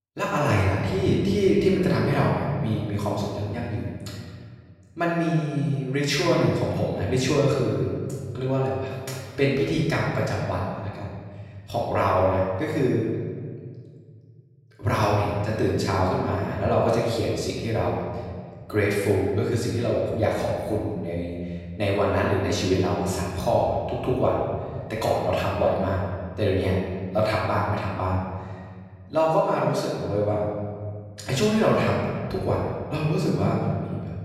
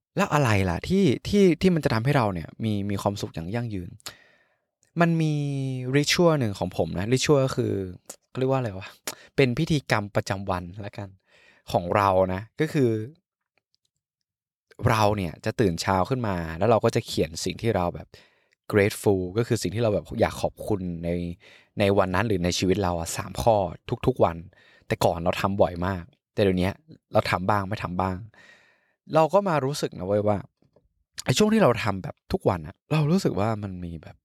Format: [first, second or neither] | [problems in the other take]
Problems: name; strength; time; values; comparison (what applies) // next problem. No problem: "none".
second | off-mic speech; far // room echo; strong; dies away in 1.9 s